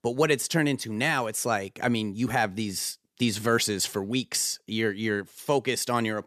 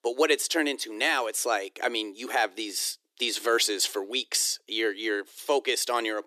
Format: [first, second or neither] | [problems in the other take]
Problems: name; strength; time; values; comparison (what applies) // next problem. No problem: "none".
first | thin; somewhat; fading below 300 Hz